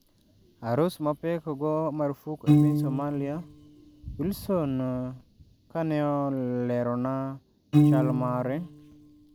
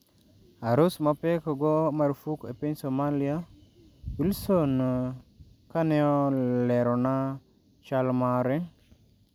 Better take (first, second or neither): second